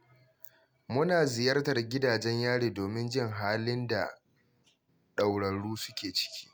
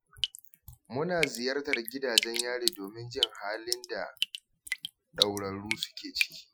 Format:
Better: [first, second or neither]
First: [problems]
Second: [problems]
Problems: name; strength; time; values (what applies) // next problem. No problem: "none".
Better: first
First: none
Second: noise reduction (classical method Wiener filter)